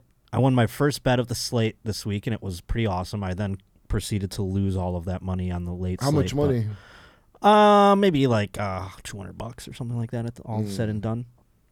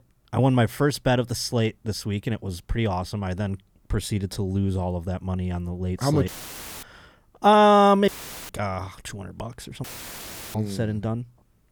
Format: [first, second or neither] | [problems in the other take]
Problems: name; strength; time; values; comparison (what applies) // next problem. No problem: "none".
first | audio cutting out; filled with static; at 6.5 s for 0.5 s, at 8 s and at 10 s for 0.5 s